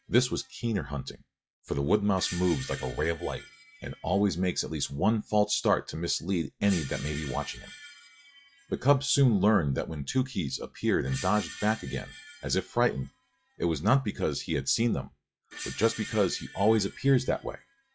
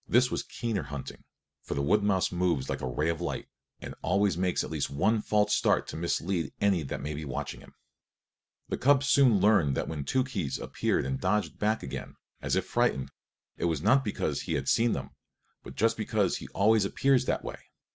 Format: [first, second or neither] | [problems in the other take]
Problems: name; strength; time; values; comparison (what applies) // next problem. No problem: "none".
second | noise reduction (classical method log-MMSE)